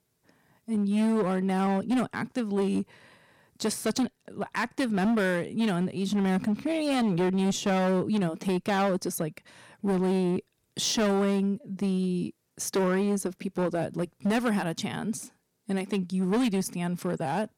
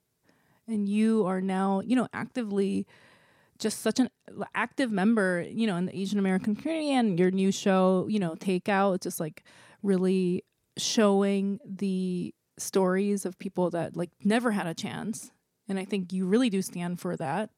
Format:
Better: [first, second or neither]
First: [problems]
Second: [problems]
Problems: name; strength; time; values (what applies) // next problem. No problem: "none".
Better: second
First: distortion; slight; 12% of the sound clipped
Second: none